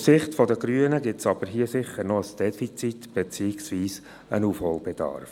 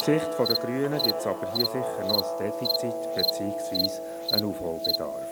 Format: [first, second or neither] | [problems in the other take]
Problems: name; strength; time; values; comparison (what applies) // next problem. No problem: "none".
first | background sound (Cricket + Guitar); 2 dB above the speech